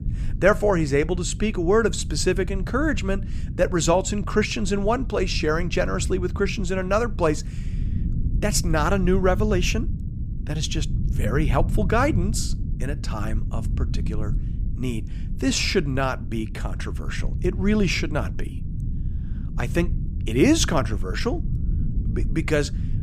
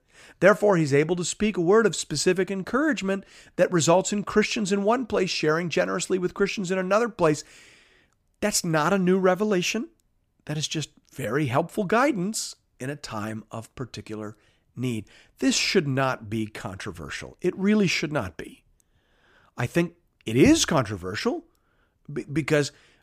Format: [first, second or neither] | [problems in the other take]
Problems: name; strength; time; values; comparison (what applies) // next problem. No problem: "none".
second | low rumble; noticeable; throughout; 20 dB below the speech